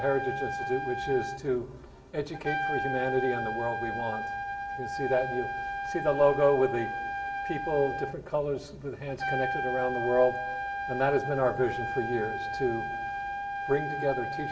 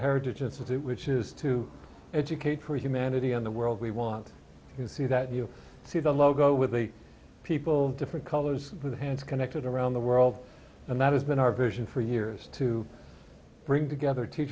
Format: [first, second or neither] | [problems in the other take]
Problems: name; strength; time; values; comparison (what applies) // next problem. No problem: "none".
second | background sound (Trumpet); 4 dB below the speech // room echo; dies away in 2.8 s